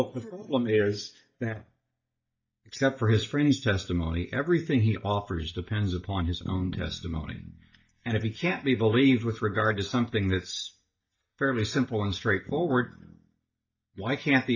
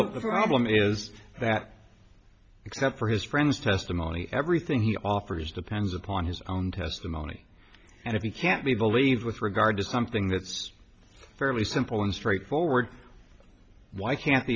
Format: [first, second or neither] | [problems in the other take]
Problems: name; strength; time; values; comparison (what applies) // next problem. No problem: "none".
second | noise reduction (neural mask model DeepFilterNet 3)